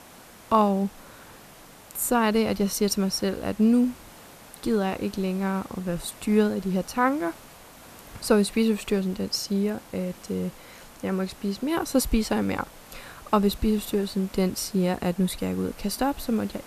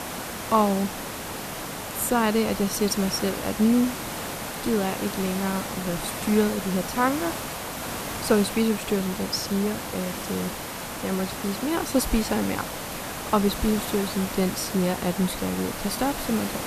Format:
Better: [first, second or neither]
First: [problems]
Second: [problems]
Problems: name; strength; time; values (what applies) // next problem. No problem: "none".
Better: first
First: hiss; faint; throughout; 20 dB below the speech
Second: hiss; loud; throughout; 6 dB below the speech